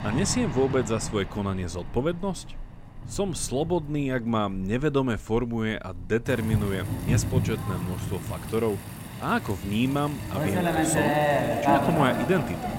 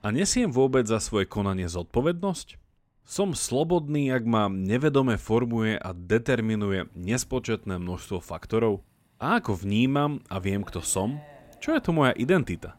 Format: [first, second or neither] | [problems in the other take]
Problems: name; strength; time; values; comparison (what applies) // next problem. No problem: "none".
second | rain or running water; loud; throughout; as loud as the speech; faint in the second